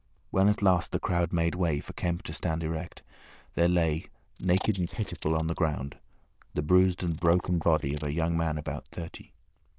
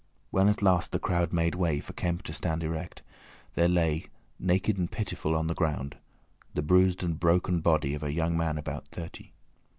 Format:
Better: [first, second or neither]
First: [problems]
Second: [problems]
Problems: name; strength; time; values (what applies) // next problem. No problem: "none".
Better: second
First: noise reduction (neural diffusion model UNIVERSE++)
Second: none